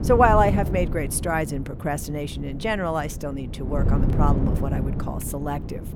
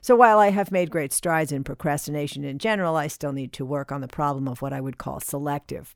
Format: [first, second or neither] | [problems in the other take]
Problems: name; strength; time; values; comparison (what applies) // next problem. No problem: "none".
second | wind noise on the microphone; occasional gusts; 10 dB below the speech